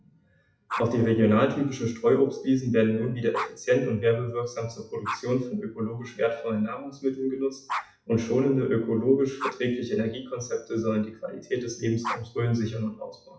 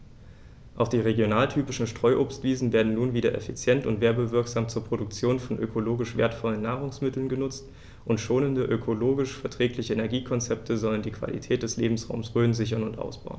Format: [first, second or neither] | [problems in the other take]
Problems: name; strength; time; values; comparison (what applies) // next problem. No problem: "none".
second | noise reduction (classical method WPE with log-MMSE)